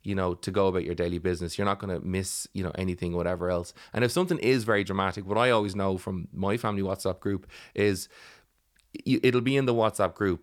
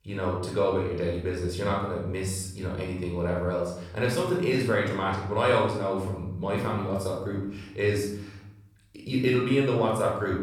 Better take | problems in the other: first | off-mic speech; far // room echo; noticeable; dies away in 0.8 s

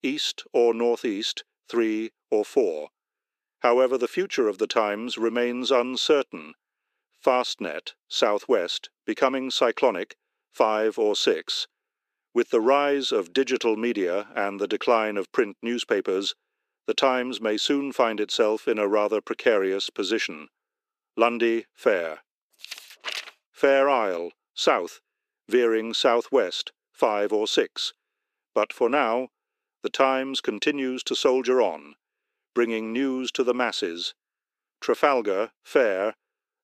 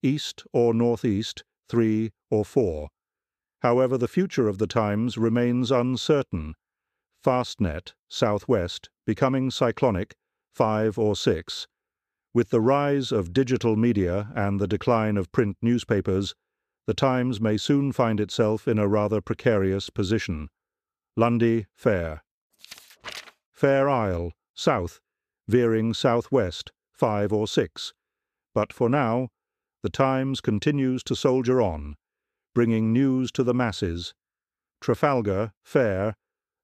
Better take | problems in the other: second | thin; somewhat; fading below 300 Hz

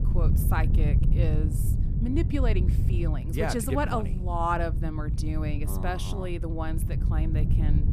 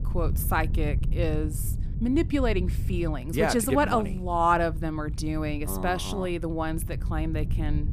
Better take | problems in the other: second | wind noise on the microphone; heavy; 9 dB below the speech; occasional gusts in the second

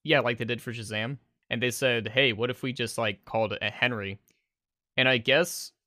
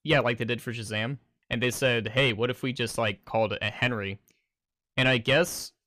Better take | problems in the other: first | distortion; slight; 10 dB below the speech

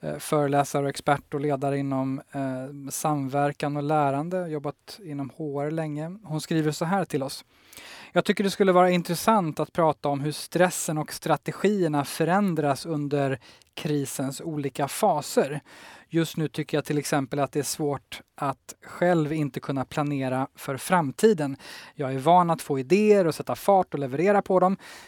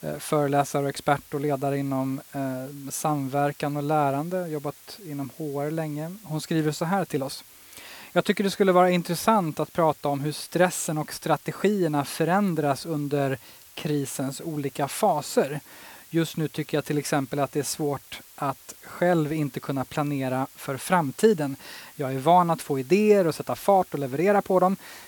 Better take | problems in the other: first | hiss; faint; throughout; 20 dB below the speech

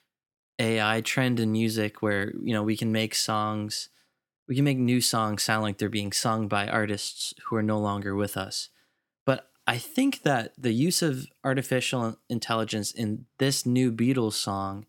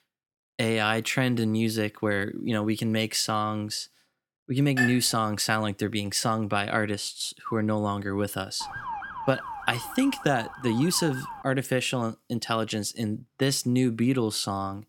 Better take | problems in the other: first | clattering dishes; noticeable; at 5 s; peak 1 dB below the speech // siren; noticeable; from 8.5 to 11 s; peak 8 dB below the speech

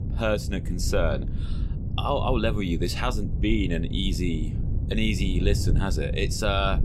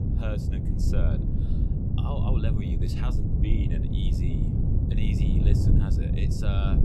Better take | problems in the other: first | wind noise on the microphone; heavy; 2 dB above the speech; occasional gusts in the first

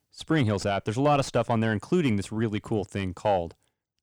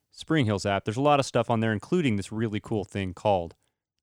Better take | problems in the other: second | distortion; slight; 10 dB below the speech

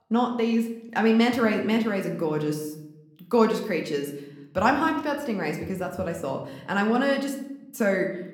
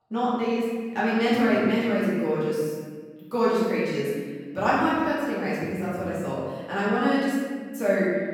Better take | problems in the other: first | room echo; strong; dies away in 1.6 s; slight in the first // off-mic speech; far

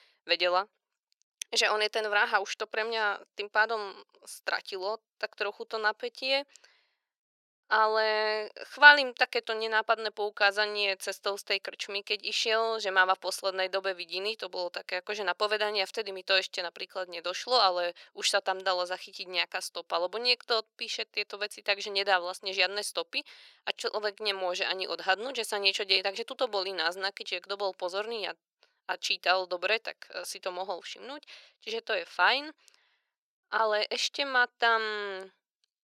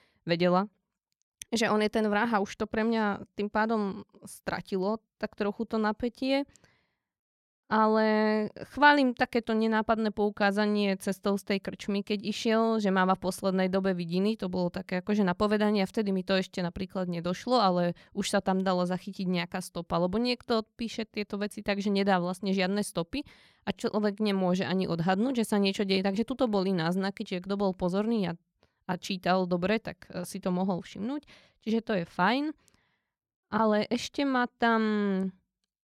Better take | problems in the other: second | thin; very; fading below 450 Hz

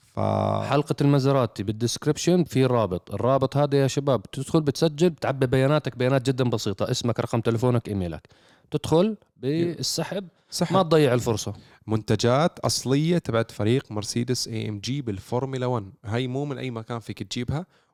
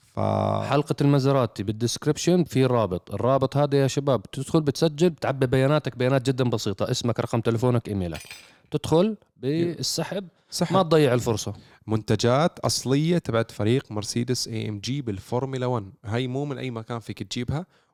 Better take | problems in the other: first | clattering dishes; faint; at 8 s; peak 15 dB below the speech

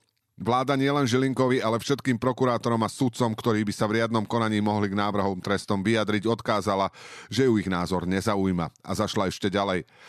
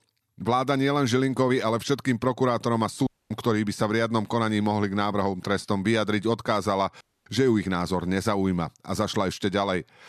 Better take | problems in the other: first | audio cutting out; at 3 s and at 7 s

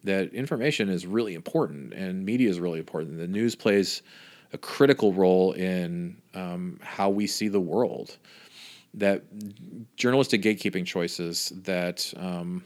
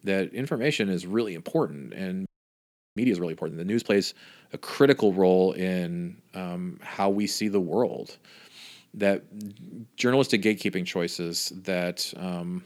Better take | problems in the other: first | audio freezing; at 2.5 s for 0.5 s

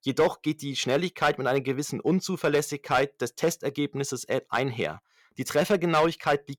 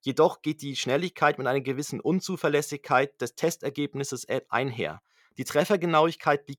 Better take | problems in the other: second | distortion; slight; 3% of the sound clipped

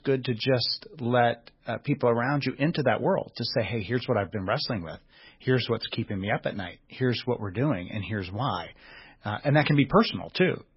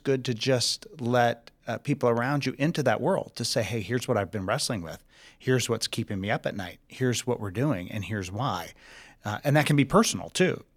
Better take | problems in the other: second | garbled, watery; badly; nothing above 5.5 kHz

